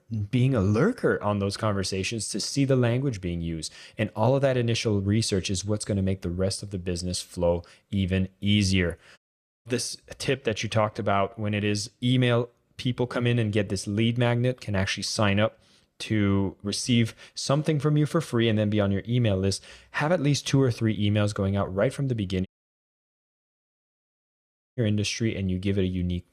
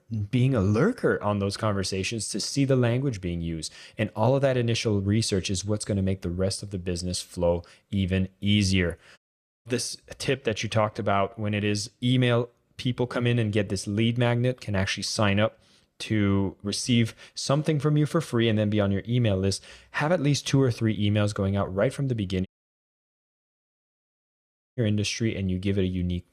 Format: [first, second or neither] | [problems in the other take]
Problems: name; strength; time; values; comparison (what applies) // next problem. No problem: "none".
neither | audio cutting out; at 9 s and at 22 s for 2.5 s; the same in both